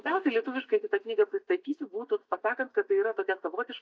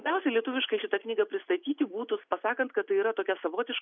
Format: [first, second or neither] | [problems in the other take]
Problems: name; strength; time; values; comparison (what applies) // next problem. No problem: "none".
second | noise reduction (neural mask model DeepFilterNet 3)